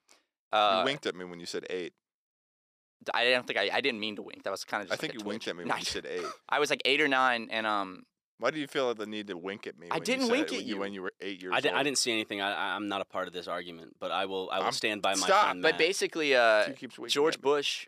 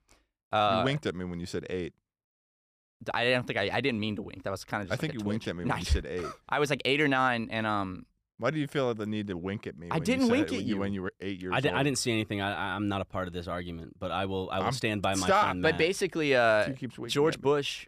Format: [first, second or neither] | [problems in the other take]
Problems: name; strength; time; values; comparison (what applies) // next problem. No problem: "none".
second | thin; somewhat; fading below 350 Hz